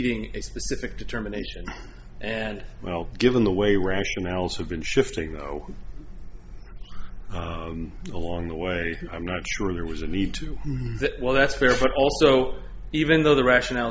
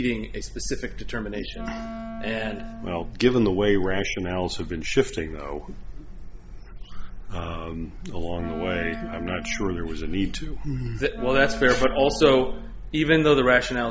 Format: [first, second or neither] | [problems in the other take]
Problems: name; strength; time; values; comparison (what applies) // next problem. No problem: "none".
first | background sound (Wind instrument, woodwind instrument); 13 dB below the speech